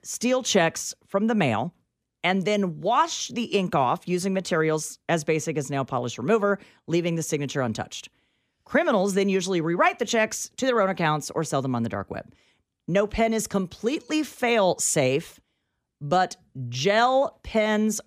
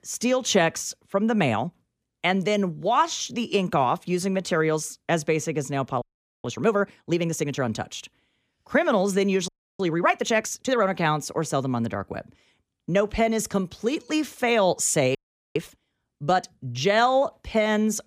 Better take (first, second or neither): first